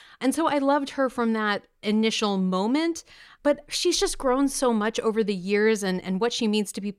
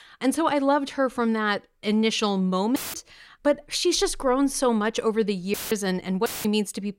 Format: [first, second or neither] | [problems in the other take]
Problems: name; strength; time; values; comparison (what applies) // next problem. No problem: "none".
first | audio cutting out; filled with static; at 3 s, at 5.5 s and at 6.5 s